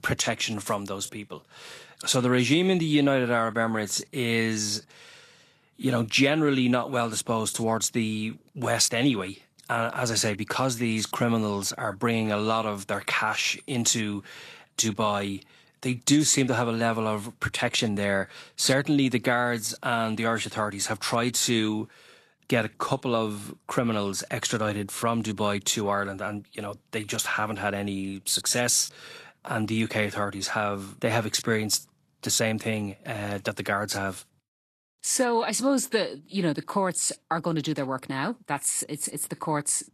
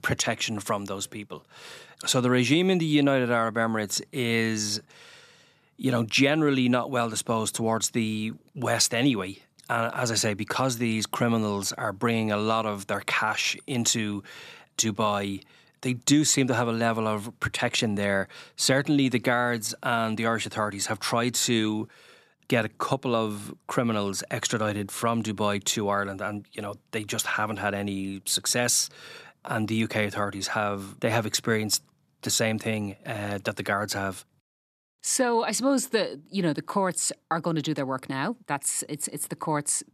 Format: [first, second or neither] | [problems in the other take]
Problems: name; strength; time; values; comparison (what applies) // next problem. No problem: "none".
second | garbled, watery; slightly; nothing above 12.5 kHz